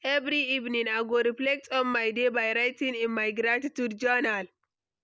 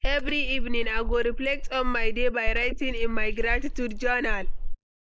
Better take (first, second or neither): first